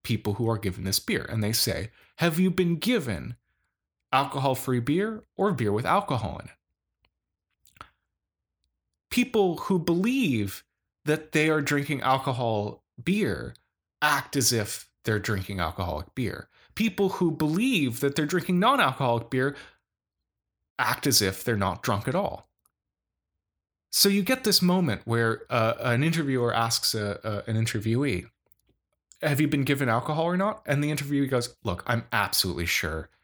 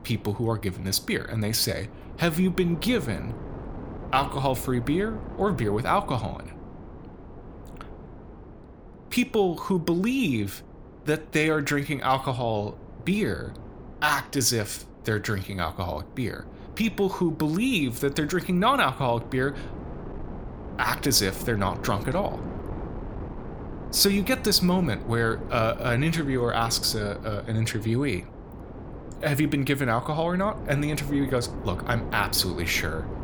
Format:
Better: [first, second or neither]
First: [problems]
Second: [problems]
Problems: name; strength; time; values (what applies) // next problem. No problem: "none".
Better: first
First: none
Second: wind noise on the microphone; occasional gusts; 15 dB below the speech